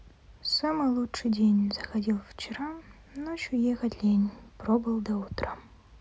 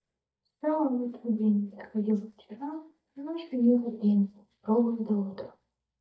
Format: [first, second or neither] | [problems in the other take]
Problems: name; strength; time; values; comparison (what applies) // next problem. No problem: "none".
first | noise reduction (neural mask model DeepFilterNet 3)